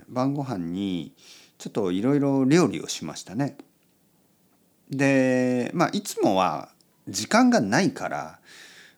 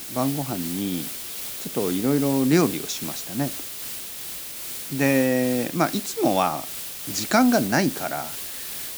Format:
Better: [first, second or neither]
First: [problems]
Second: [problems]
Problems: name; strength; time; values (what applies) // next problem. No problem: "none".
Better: first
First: none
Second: hiss; loud; throughout; 7 dB below the speech